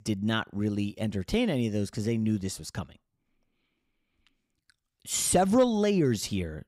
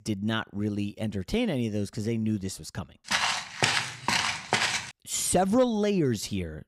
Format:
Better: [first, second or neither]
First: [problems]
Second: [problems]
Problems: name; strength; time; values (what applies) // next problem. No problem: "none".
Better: first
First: none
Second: footsteps; loud; from 3 to 5 s; peak 3 dB above the speech